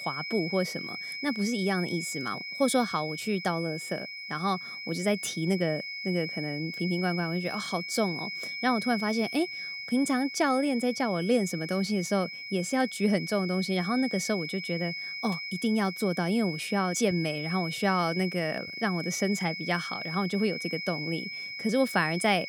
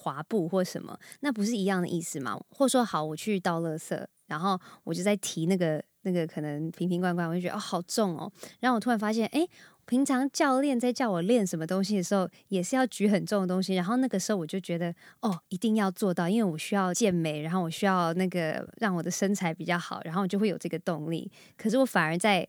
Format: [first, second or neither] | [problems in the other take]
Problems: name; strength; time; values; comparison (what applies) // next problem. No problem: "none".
second | high-pitched whine; loud; throughout; 2 kHz, 6 dB below the speech